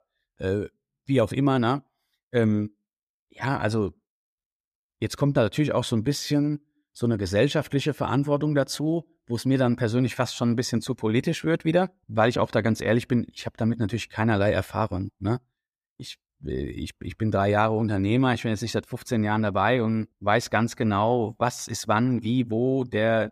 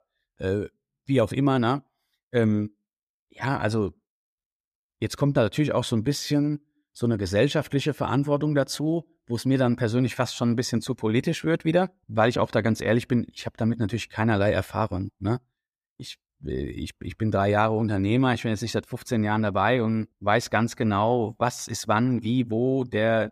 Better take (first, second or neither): neither